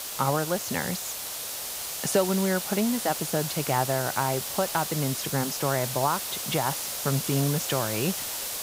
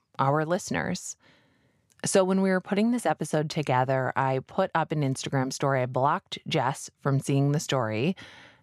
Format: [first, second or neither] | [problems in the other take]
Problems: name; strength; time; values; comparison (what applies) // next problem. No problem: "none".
second | hiss; loud; throughout; 3 dB below the speech